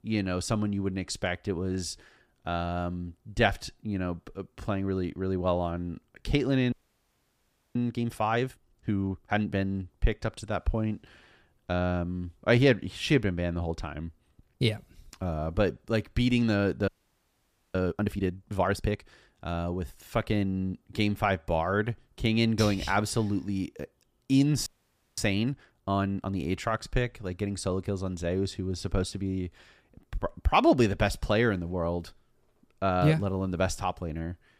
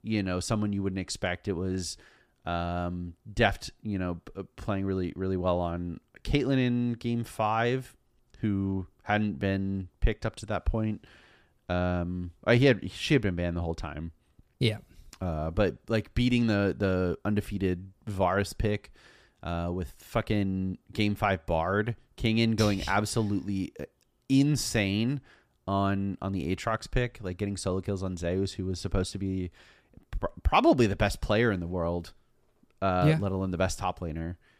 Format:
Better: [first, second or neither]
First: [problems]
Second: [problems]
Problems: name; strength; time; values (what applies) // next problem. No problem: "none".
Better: second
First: audio freezing; at 6.5 s for 1 s, at 17 s for 1 s and at 25 s for 0.5 s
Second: none